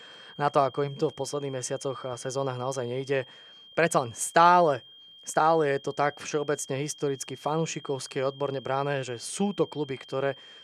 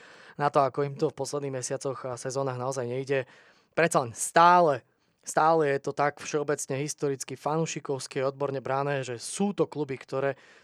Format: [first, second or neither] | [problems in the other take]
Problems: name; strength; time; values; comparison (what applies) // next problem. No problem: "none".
second | high-pitched whine; noticeable; throughout; 3 kHz, 20 dB below the speech